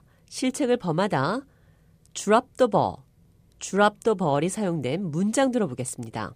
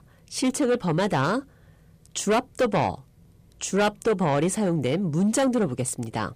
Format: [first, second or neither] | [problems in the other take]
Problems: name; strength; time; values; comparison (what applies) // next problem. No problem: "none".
first | distortion; heavy; 8 dB below the speech